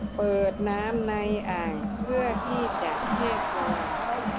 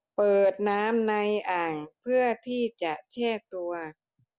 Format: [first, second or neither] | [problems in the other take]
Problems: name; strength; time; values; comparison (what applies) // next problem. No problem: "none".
second | background sound (Crowd); as loud as the speech